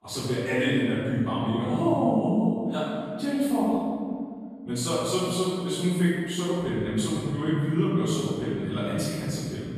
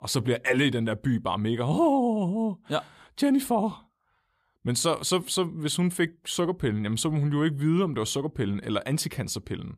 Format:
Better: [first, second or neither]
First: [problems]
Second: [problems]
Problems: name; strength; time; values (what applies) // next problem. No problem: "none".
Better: second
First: room echo; strong; dies away in 1.9 s // off-mic speech; far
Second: none